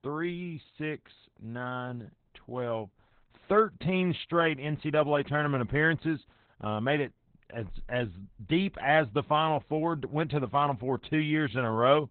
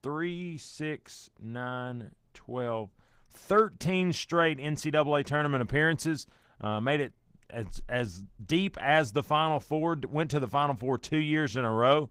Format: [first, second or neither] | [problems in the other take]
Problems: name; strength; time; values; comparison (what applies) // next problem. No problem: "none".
second | garbled, watery; badly; nothing above 3.5 kHz; slightly in the second